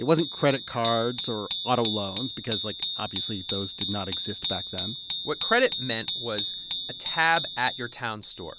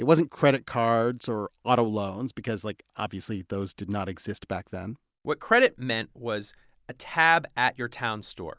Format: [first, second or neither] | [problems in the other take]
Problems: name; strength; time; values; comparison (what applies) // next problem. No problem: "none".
second | background sound (Bicycle bell); 4 dB below the speech